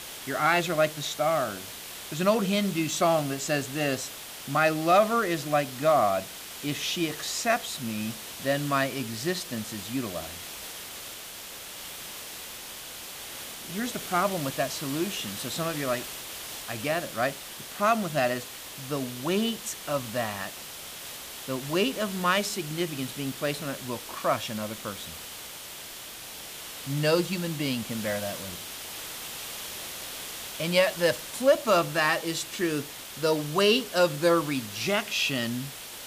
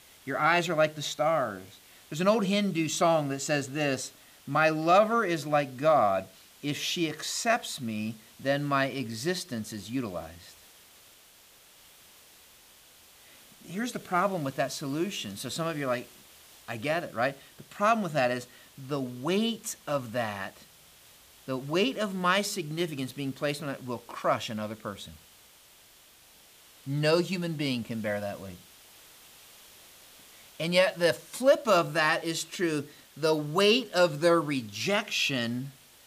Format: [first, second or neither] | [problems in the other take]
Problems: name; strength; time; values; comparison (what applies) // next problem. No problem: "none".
second | hiss; loud; throughout; 10 dB below the speech; faint in the second